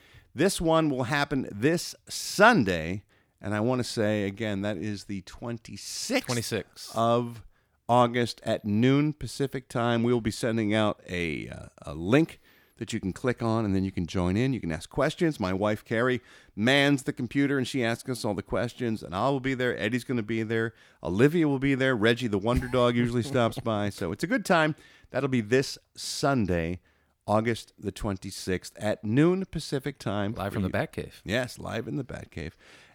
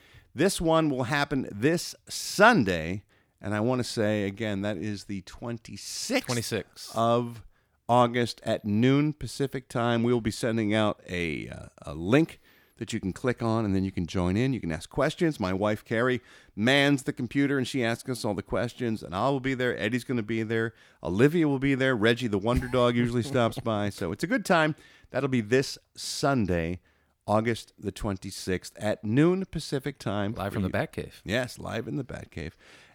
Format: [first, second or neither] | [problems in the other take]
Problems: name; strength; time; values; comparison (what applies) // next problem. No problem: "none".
neither | none